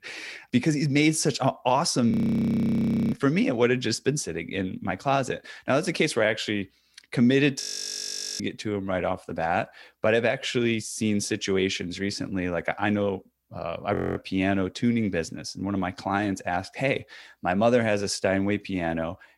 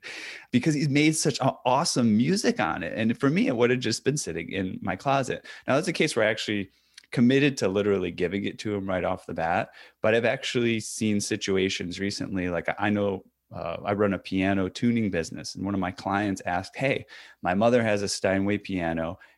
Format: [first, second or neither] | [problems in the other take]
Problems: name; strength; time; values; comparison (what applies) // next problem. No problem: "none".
second | audio freezing; at 2 s for 1 s, at 7.5 s for 1 s and at 14 s